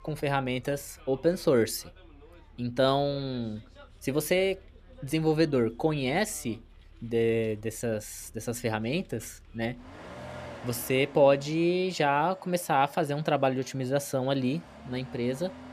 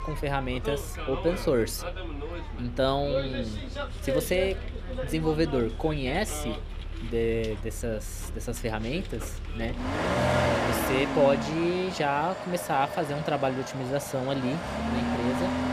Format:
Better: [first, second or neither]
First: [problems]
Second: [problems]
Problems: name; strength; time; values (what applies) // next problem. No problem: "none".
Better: first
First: traffic noise; faint; throughout; 20 dB below the speech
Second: traffic noise; loud; throughout; 3 dB below the speech